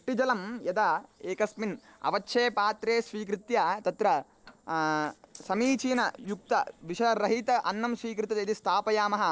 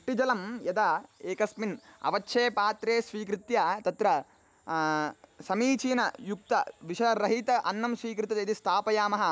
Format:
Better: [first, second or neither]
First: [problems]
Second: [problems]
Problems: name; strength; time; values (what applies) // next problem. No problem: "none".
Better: second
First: noise reduction (neural separator model SepFormer DNS4)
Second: none